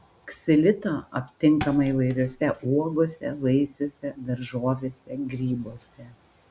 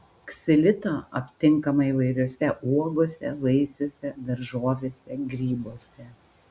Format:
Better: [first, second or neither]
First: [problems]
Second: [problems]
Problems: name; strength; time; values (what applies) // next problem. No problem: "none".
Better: second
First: background sound (Thump, thud); 17 dB below the speech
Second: none